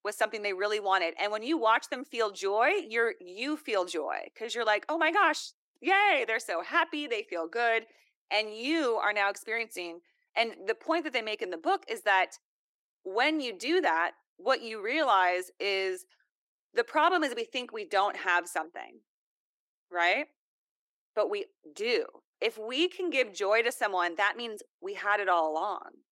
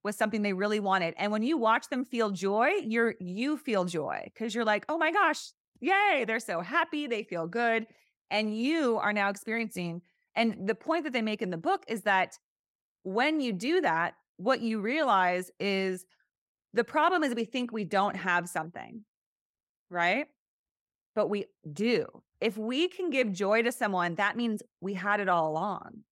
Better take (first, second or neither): second